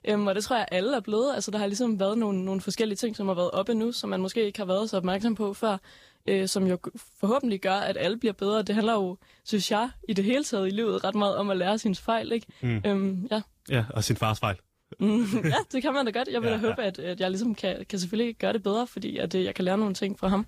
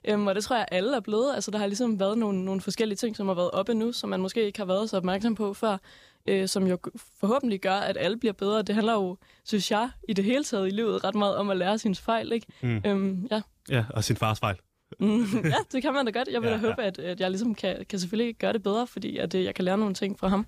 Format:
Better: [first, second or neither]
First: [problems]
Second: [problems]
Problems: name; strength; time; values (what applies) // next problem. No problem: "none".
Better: second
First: garbled, watery; slightly; nothing above 15 kHz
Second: none